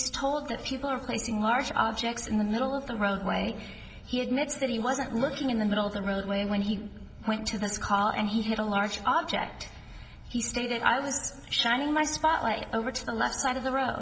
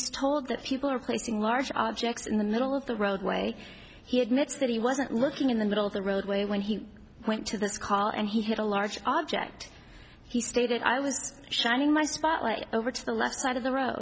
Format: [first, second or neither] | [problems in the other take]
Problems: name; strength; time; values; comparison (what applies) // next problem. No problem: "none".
second | room echo; dies away in 2.4 s